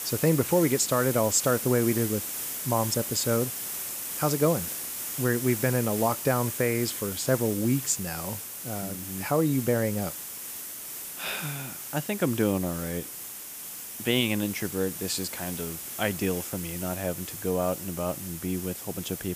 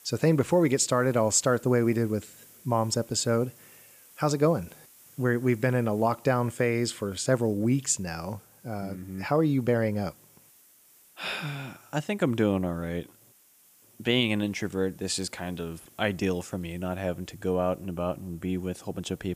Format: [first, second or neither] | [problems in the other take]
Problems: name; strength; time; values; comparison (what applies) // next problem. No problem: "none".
second | hiss; loud; throughout; 5 dB below the speech; faint in the second